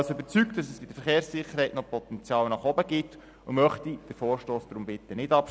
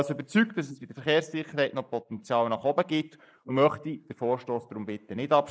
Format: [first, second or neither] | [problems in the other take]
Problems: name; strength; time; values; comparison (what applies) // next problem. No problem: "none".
first | noise reduction (neural mask model Resemble Enhance denoiser)